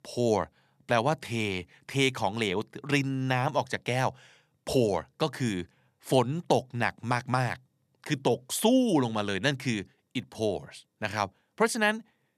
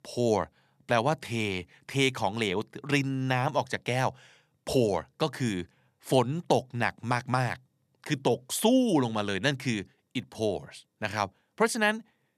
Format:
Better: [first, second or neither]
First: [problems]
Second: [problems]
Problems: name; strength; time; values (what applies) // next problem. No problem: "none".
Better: neither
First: none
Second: none